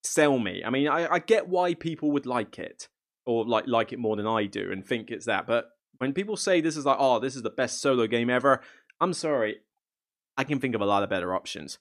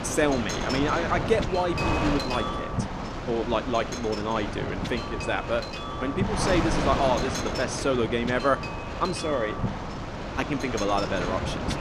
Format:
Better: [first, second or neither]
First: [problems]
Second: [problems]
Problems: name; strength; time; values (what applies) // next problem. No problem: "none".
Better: first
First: none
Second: wind noise on the microphone; heavy; 3 dB below the speech